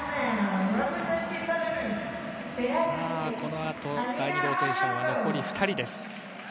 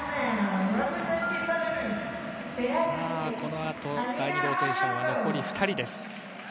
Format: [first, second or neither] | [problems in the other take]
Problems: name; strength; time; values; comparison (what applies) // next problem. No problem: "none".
first | background sound (Piano); 15 dB below the speech